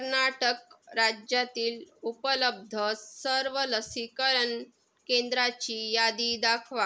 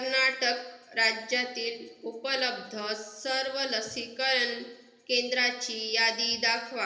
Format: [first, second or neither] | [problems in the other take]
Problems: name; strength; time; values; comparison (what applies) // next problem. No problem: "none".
first | room echo; dies away in 0.8 s